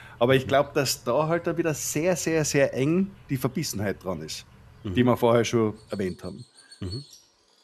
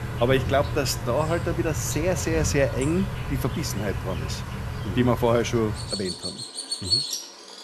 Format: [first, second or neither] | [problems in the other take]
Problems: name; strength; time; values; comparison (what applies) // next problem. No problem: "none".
first | animal sounds; loud; throughout; 4 dB below the speech; faint in the first